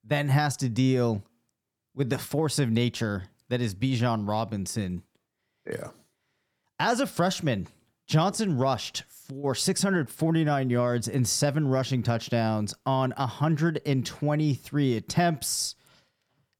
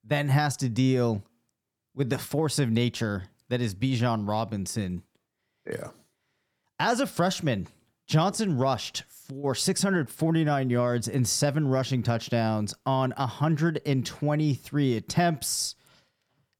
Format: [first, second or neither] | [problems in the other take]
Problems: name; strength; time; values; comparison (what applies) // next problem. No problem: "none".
neither | none